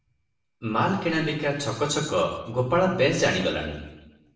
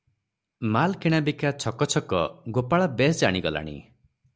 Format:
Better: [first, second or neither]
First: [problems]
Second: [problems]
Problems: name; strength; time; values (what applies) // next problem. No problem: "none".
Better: second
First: room echo; dies away in 0.9 s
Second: none